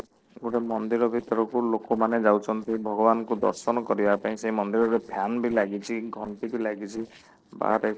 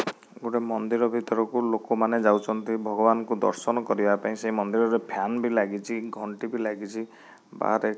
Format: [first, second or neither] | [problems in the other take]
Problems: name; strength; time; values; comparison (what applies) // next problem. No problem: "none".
second | noise reduction (neural separator model SepFormer DNS4)